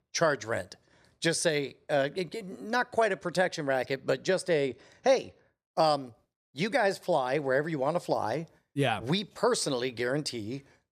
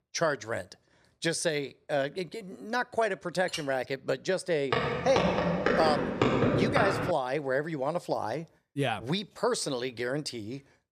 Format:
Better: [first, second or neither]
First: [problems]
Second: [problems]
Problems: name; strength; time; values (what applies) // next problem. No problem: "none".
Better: first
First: none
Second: clattering dishes; noticeable; at 3.5 s; peak 8 dB below the speech // footsteps; loud; from 4.5 to 7 s; peak 5 dB above the speech